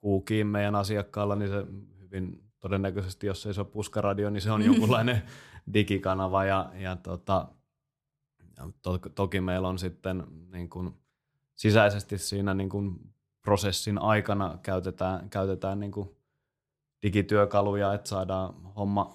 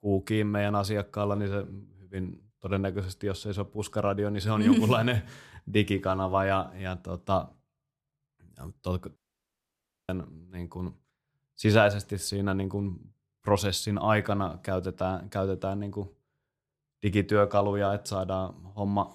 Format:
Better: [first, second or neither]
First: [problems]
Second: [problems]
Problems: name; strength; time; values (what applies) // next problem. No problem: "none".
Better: first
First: none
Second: audio cutting out; at 9 s for 1 s